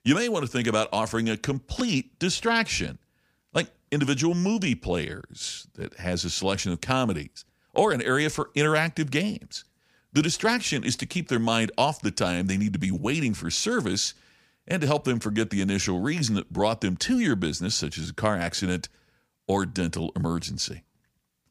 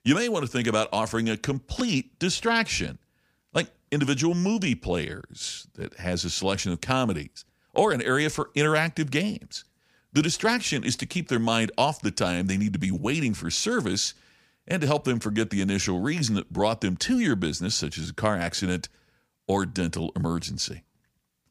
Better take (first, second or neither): neither